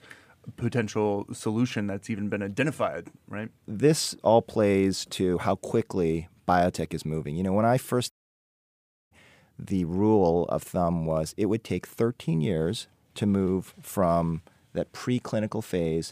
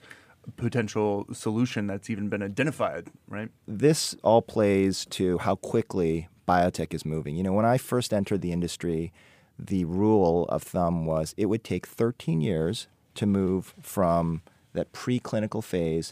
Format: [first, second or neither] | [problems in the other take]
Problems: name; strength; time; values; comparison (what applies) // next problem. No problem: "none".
second | audio cutting out; at 8 s for 1 s